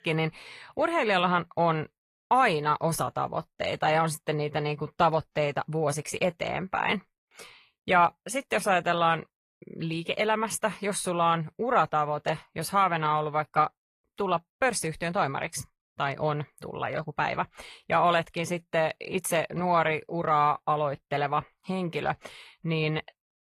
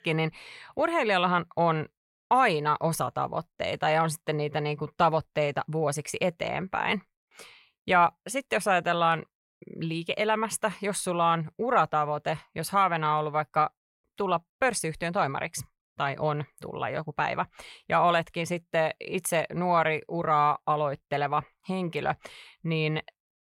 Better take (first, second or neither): second